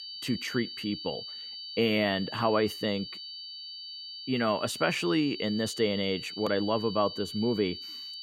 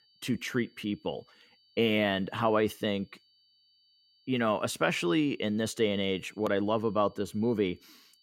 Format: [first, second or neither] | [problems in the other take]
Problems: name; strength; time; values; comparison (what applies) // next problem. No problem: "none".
second | high-pitched whine; loud; throughout; 4.5 kHz, 9 dB below the speech; faint in the second